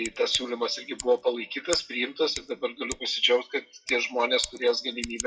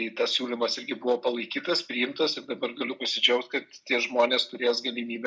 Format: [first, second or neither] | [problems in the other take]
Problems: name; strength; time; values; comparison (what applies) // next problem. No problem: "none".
second | noise reduction (classical method WPE with log-MMSE)